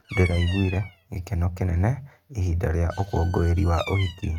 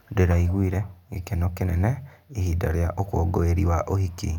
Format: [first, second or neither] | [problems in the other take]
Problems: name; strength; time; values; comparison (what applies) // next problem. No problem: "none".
second | noise reduction (neural mask model RNNoise)